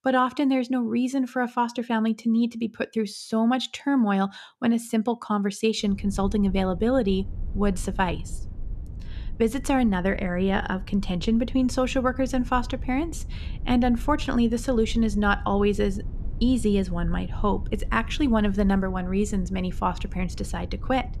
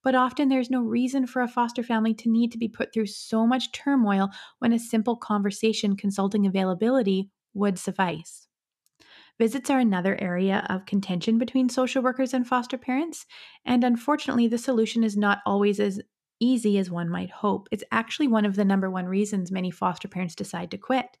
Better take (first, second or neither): second